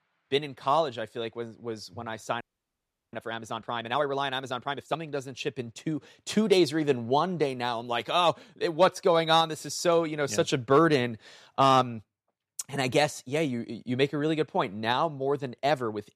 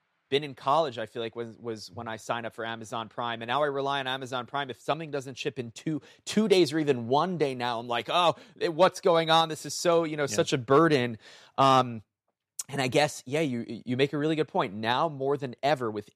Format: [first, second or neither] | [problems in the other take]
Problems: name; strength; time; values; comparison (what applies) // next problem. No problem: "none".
second | audio freezing; at 2.5 s for 0.5 s